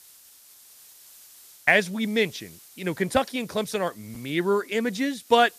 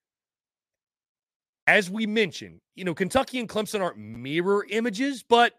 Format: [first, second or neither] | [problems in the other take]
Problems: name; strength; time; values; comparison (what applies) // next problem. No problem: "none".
second | hiss; faint; throughout; 25 dB below the speech